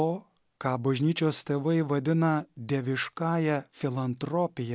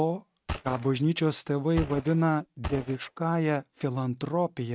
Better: first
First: none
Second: noise reduction (neural mask model RNNoise)

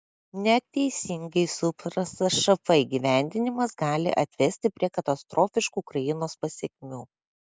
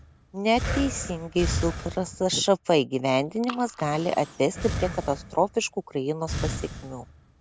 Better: first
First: none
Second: background sound (Breathing); 8 dB below the speech

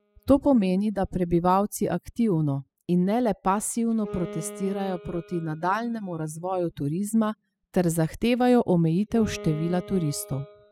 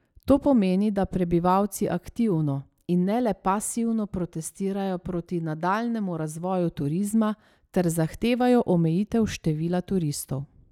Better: second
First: noise reduction (classical method spectral subtraction)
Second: none

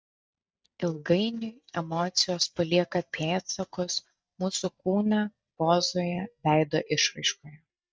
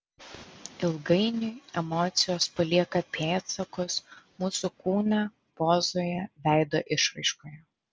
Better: second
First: noise reduction (neural mask model DeepFilterNet 3)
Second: none

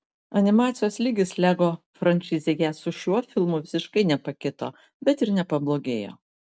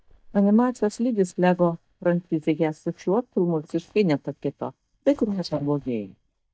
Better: first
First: none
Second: noise reduction (neural mask model DeepFilterNet 3)

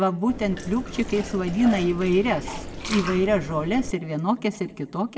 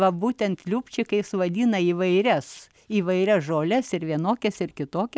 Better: second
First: background sound (Liquid); 9 dB below the speech // room echo; dies away in 1.9 s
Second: none

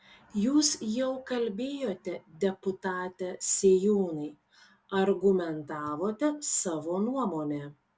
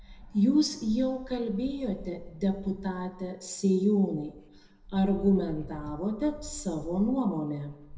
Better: first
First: none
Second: background sound (Dog); 17 dB below the speech // room echo; dies away in 0.7 s

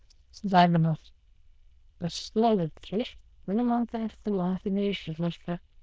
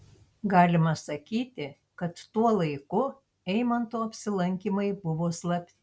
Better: second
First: noise reduction (neural diffusion model UNIVERSE++)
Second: none

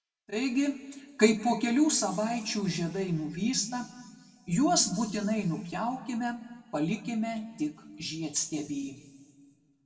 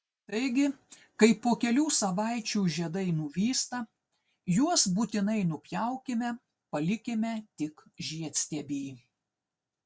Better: second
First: room echo; dies away in 1.6 s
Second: none

